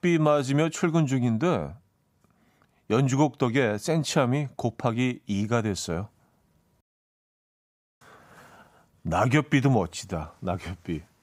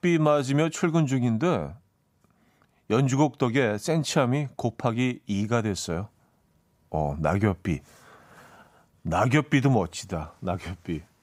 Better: second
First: audio cutting out; at 7 s for 1 s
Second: none

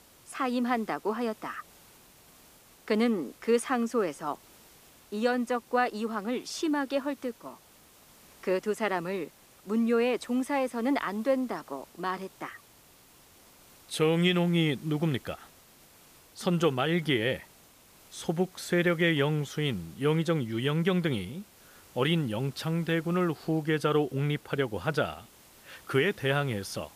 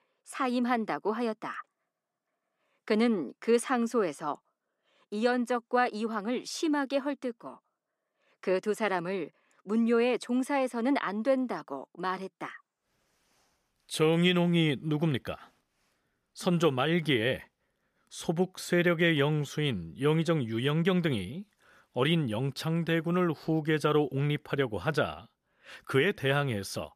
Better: second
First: hiss; faint; throughout; 25 dB below the speech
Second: none

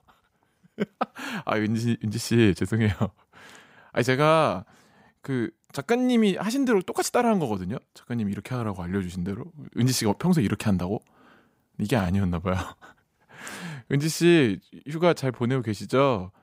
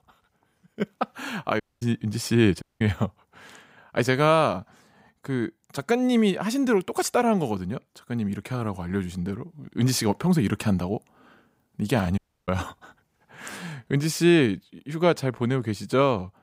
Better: first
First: none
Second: audio cutting out; at 1.5 s, at 2.5 s and at 12 s

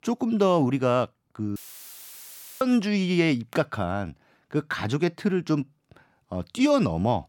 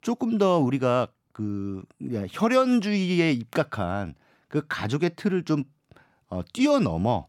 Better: second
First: audio cutting out; filled with static; at 1.5 s for 1 s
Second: none

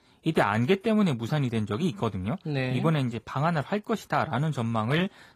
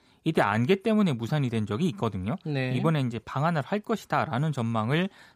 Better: second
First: garbled, watery; slightly; nothing above 15 kHz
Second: none

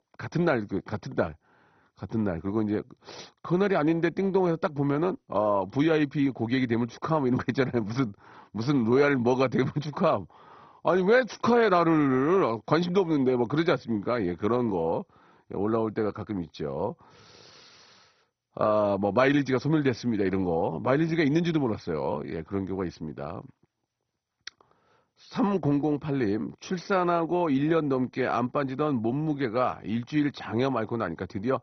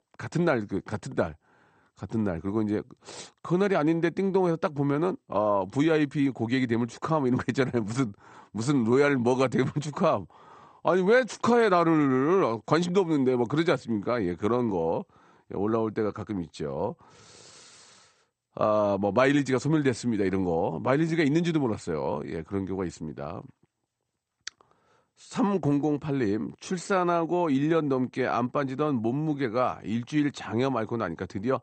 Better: second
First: garbled, watery; badly; nothing above 6 kHz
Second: garbled, watery; slightly; nothing above 8.5 kHz

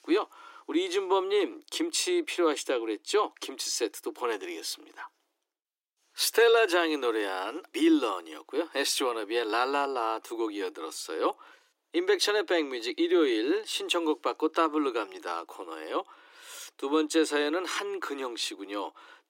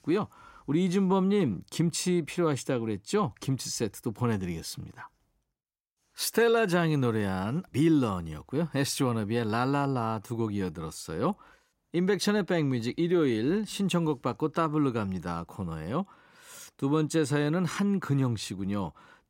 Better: second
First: thin; very; fading below 300 Hz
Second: none

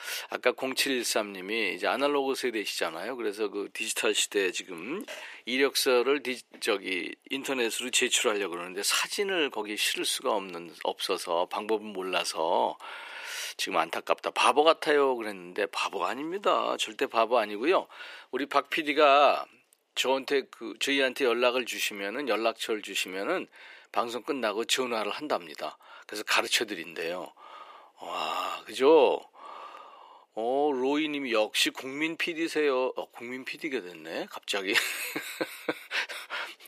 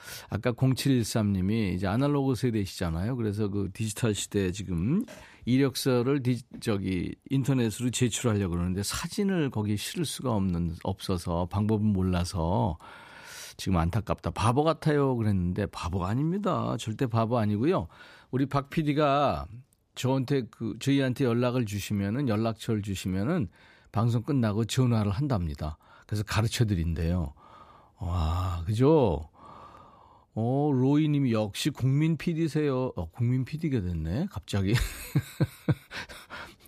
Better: second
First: thin; very; fading below 400 Hz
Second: none

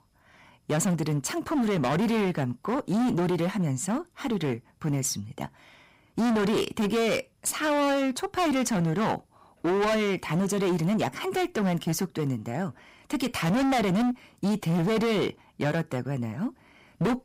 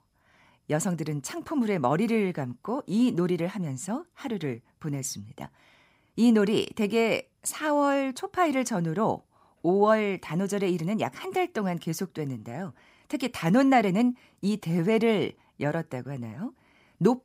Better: second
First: distortion; heavy; 21% of the sound clipped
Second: none

